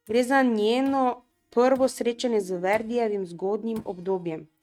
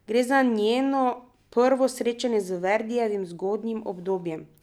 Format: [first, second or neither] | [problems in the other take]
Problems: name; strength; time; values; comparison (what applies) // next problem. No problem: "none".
second | noise reduction (neural mask model RNNoise)